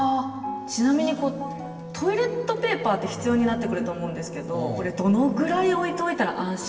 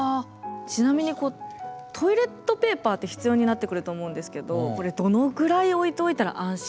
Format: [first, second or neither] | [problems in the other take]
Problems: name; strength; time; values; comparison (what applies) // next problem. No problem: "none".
second | background sound (Wind instrument, woodwind instrument); 15 dB below the speech // room echo; dies away in 1.9 s